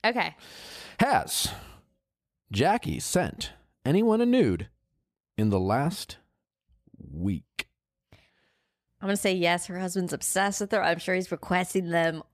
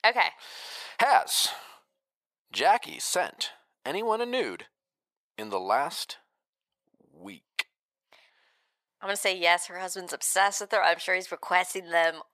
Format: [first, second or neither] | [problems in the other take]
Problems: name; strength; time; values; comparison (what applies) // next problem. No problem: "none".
first | thin; very; fading below 700 Hz